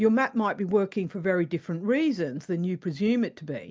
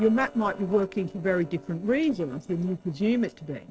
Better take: first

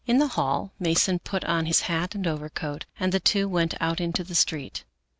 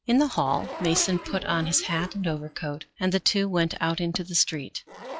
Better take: first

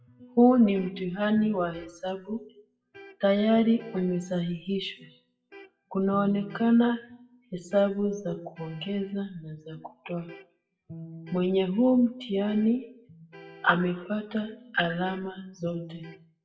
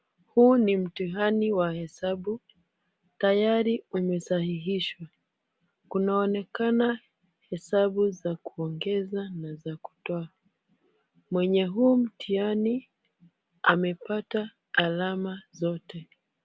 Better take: second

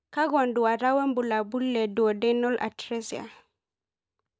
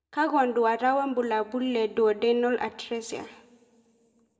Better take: first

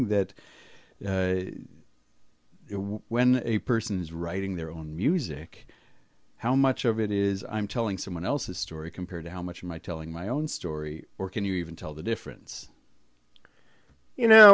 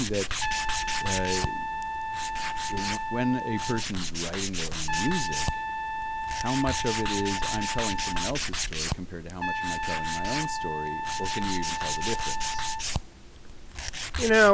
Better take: first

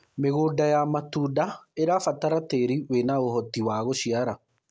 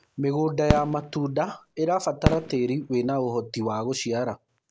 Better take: first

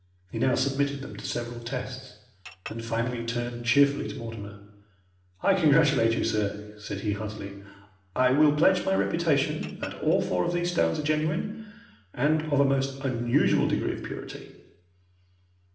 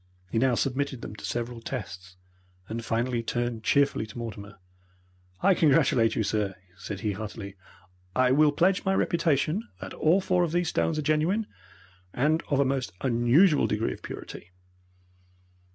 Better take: second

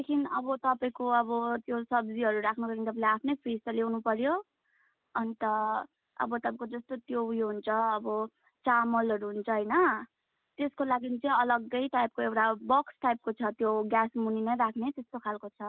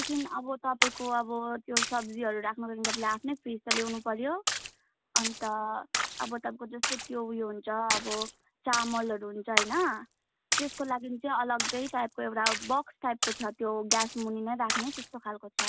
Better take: first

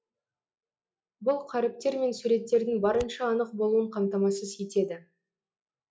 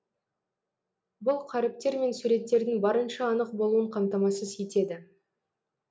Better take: second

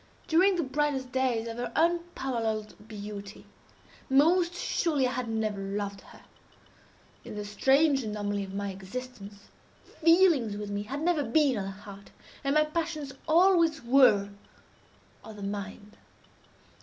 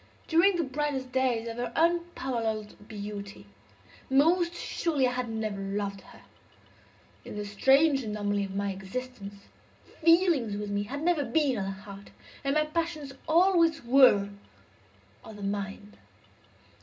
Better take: first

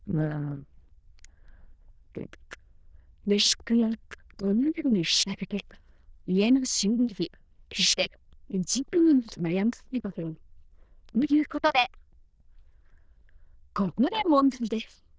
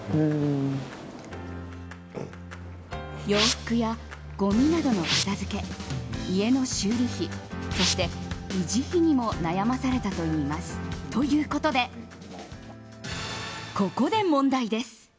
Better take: second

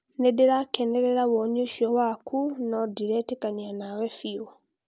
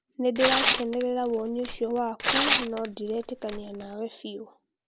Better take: first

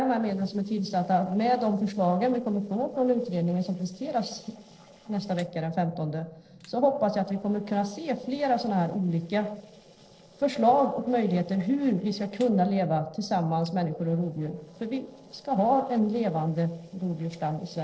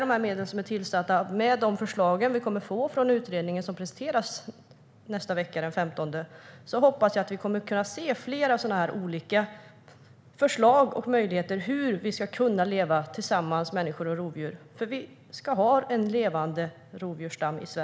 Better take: second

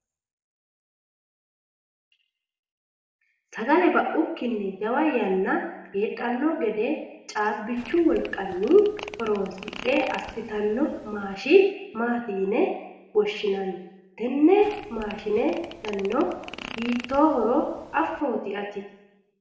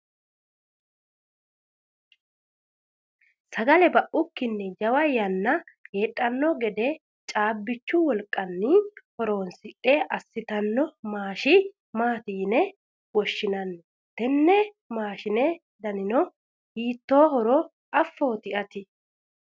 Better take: second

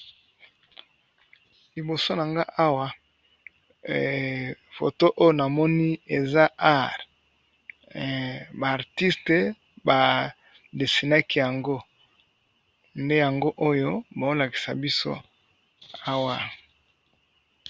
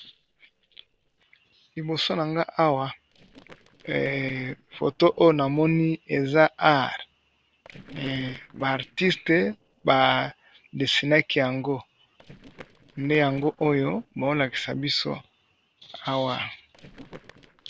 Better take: first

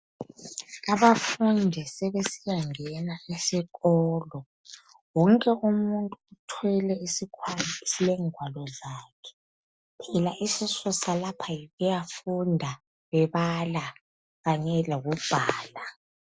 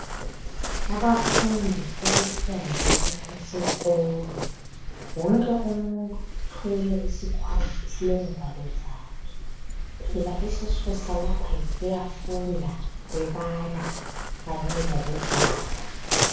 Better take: first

